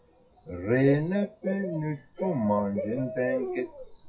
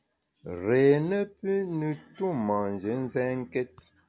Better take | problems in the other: second | noise reduction (classical method WPE with log-MMSE)

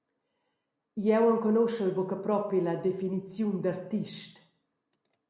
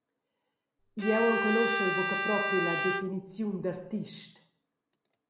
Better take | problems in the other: first | background sound (Bowed string instrument); as loud as the speech

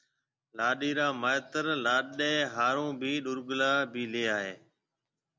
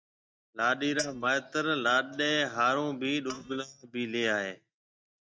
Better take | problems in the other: first | noise reduction (neural mask model DeepFilterNet 3)

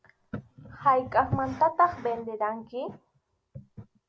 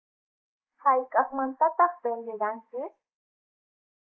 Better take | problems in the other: first | noise reduction (neural mask model Resemble Enhance denoiser)

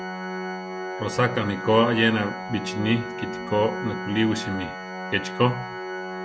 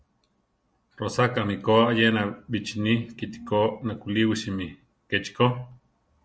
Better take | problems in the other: second | background sound (Organ); 7 dB below the speech

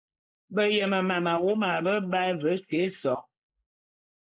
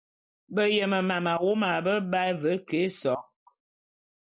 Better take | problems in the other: second | noise reduction (neural mask model Resemble Enhance denoiser)

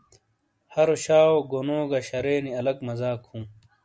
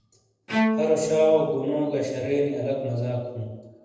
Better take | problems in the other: first | noise reduction (neural separator model SepFormer DNS4)

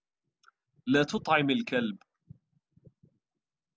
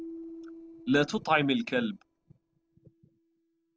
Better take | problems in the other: first | noise reduction (neural separator model SepFormer DNS4)

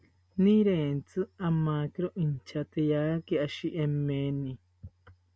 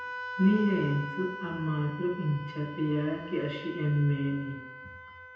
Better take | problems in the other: first | background sound (Wind instrument, woodwind instrument); 11 dB below the speech // room echo; dies away in 0.9 s

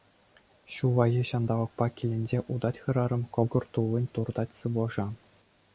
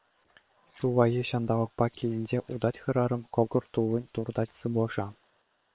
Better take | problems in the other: first | noise reduction (neural separator model SepFormer WHAM!)

